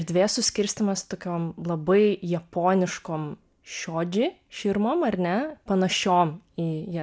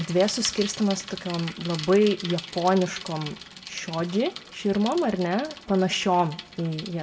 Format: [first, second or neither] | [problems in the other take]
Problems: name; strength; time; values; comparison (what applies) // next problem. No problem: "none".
first | background sound (Bicycle); 14 dB below the speech // room echo; dies away in 2.3 s